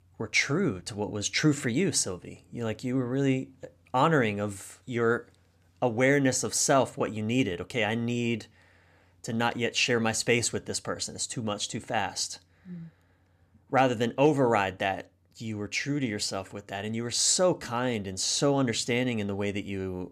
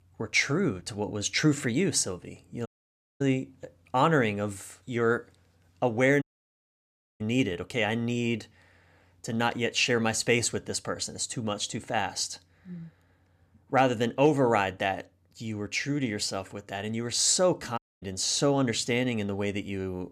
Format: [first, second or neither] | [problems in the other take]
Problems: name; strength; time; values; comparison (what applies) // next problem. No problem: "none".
first | audio cutting out; at 2.5 s for 0.5 s, at 6 s for 1 s and at 18 s